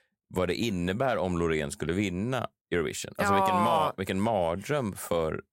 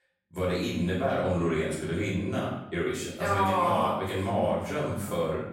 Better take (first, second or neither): first